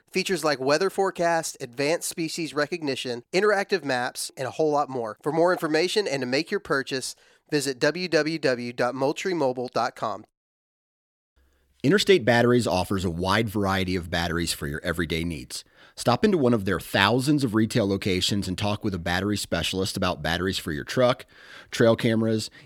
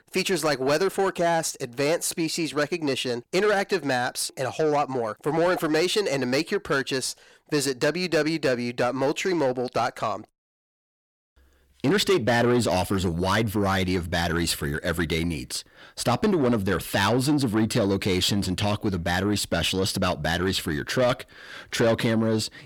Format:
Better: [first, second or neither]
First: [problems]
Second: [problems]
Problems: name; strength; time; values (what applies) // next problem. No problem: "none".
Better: first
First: none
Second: distortion; slight; 10 dB below the speech